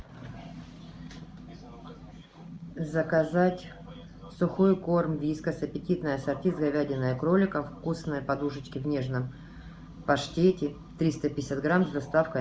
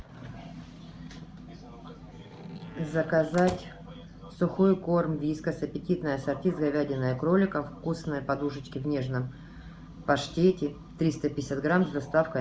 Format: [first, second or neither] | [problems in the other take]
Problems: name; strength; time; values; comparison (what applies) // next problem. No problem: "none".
first | background sound (Slam); 15 dB below the speech